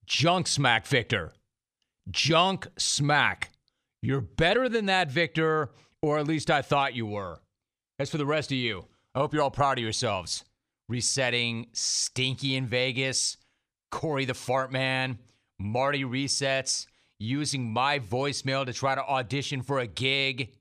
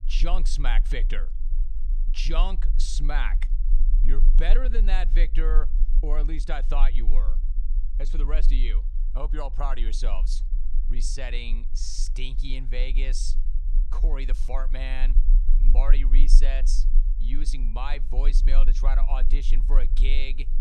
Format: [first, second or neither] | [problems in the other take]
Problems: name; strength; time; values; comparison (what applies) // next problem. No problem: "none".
first | low rumble; noticeable; throughout; 15 dB below the speech